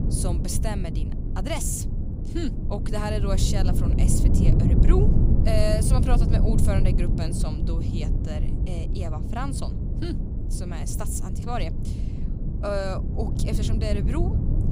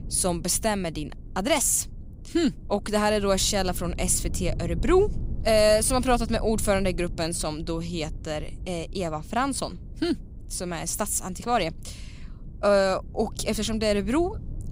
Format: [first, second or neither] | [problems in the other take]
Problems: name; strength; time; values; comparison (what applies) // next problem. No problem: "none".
second | low rumble; loud; throughout; 4 dB below the speech; faint in the second